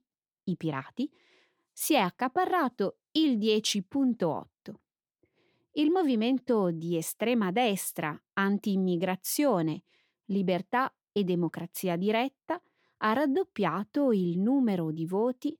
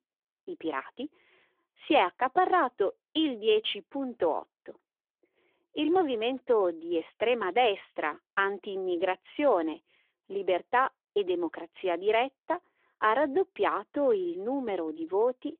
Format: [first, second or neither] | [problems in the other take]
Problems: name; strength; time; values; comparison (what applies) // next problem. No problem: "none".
first | phone-call audio; nothing above 3.5 kHz